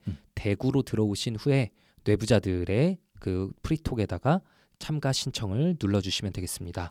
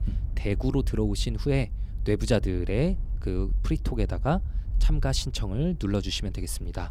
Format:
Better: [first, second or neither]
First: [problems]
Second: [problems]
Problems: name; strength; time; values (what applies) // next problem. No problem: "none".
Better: first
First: none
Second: low rumble; faint; throughout; 20 dB below the speech